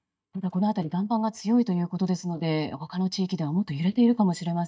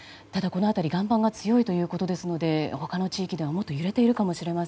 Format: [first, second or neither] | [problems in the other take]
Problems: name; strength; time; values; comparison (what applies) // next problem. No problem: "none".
second | noise reduction (neural mask model DeepFilterNet 3)